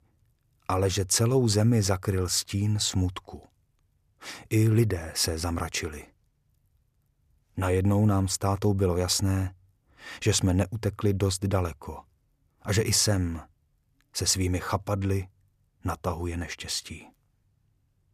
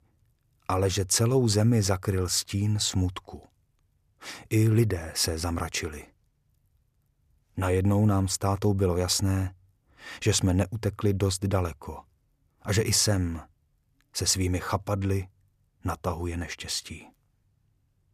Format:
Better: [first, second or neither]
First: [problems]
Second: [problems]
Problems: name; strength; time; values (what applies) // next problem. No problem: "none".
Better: neither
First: none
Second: none